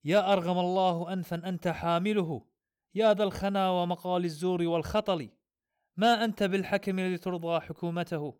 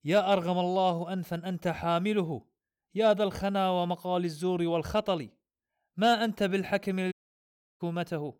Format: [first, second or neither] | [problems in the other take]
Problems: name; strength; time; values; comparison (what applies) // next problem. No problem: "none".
first | audio cutting out; at 7 s for 0.5 s